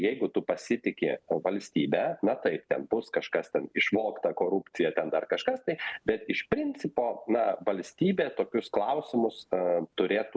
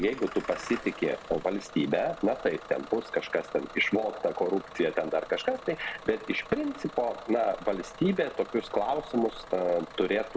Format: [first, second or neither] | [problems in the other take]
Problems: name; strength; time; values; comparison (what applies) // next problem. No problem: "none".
first | background sound (Engine starting / Bus); 15 dB below the speech